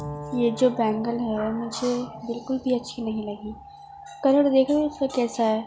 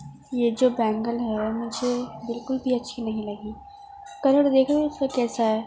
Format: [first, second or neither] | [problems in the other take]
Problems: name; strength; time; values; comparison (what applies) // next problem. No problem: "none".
second | background sound (Bowed string instrument); 18 dB below the speech